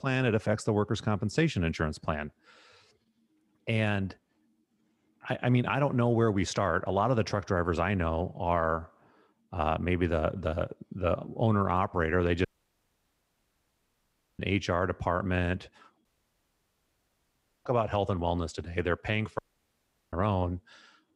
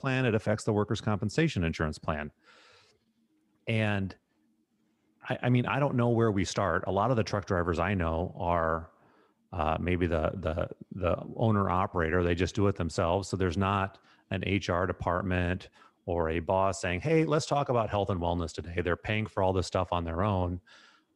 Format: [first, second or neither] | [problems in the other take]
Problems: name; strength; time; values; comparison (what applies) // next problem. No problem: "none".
second | audio cutting out; at 12 s for 2 s, at 16 s for 1.5 s and at 19 s for 0.5 s